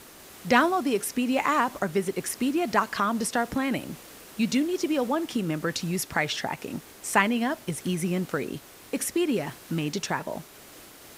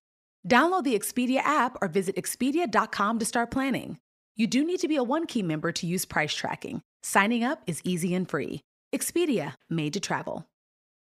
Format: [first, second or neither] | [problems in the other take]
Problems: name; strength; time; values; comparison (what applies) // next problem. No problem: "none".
second | hiss; noticeable; throughout; 20 dB below the speech